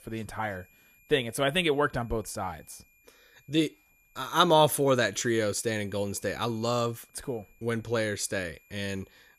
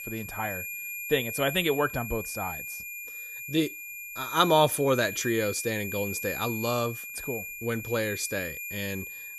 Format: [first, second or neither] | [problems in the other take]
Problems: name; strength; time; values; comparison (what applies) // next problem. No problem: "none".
first | high-pitched whine; loud; throughout; 2.5 kHz, 7 dB below the speech; faint in the first